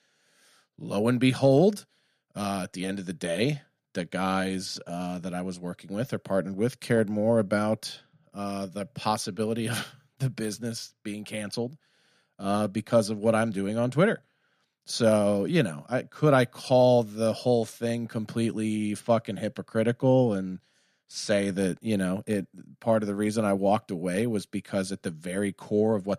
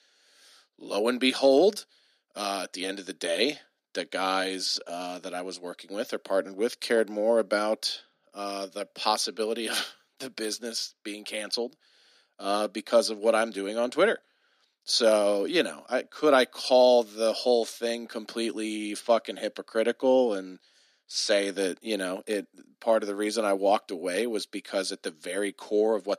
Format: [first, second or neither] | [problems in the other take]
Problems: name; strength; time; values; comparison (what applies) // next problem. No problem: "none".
first | thin; somewhat; fading below 300 Hz